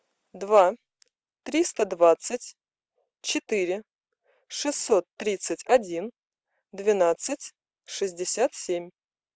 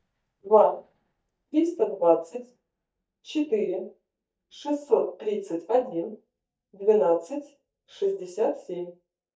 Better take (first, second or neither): first